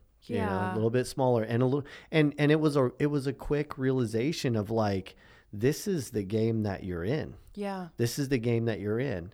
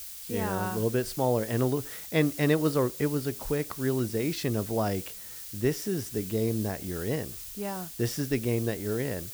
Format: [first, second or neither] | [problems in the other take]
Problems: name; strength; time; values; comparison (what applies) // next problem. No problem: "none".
first | hiss; loud; throughout; 9 dB below the speech